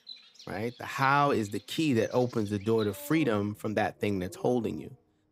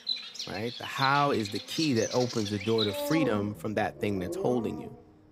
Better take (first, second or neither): first